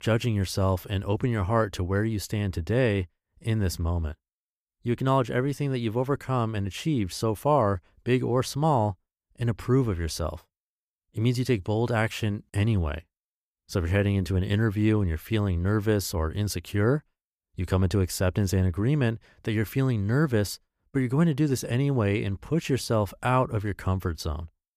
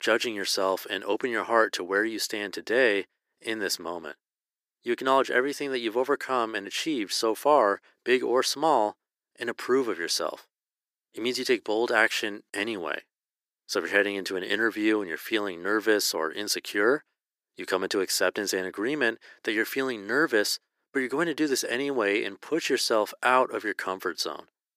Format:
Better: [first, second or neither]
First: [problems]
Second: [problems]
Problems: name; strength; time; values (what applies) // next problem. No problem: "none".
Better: first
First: none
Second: thin; very; fading below 350 Hz